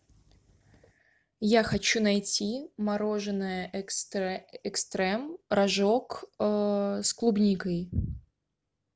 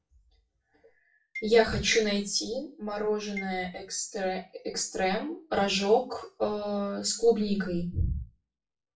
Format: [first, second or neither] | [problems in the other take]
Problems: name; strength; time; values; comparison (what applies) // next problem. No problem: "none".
first | noise reduction (classical method WPE with log-MMSE)